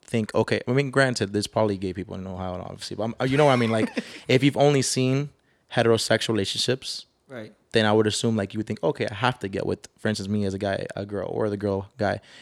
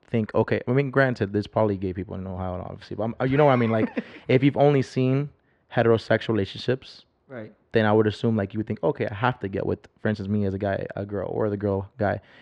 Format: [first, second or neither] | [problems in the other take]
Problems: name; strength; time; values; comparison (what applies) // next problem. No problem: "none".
first | muffled; very; fading above 2 kHz